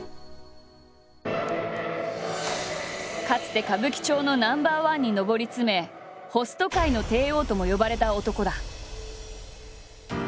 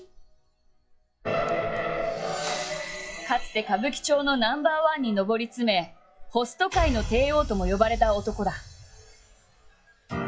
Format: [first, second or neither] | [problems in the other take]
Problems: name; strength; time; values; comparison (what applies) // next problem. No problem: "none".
first | noise reduction (classical method WPE with log-MMSE)